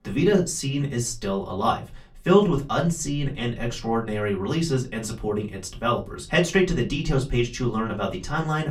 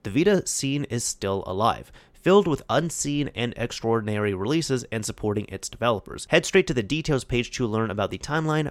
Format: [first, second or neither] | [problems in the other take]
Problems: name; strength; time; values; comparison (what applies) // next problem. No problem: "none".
second | off-mic speech; far // room echo; very slight; dies away in 0.2 s